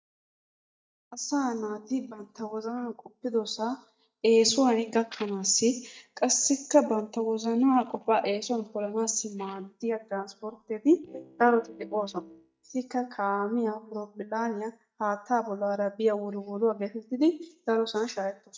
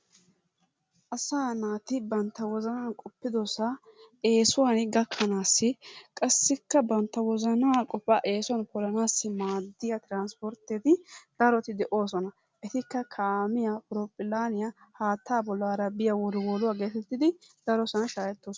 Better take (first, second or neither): second